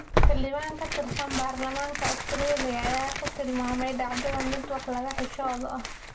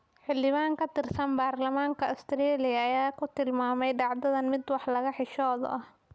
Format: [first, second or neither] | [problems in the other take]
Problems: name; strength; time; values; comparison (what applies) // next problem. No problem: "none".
second | background sound (Tearing); 2 dB above the speech // room echo; dies away in 0.2 s